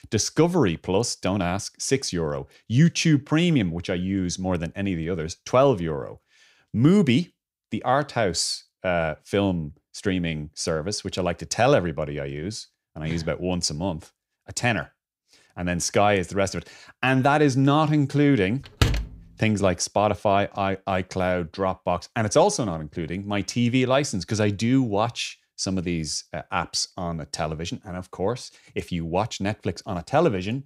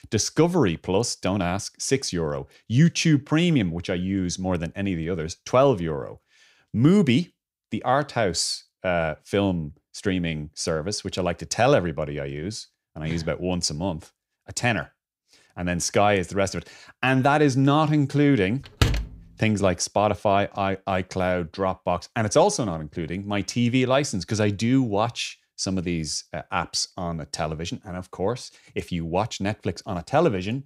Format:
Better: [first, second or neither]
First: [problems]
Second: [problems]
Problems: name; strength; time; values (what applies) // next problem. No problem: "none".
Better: neither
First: door banging; loud; at 19 s; peak level with the speech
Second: door banging; loud; at 19 s; peak level with the speech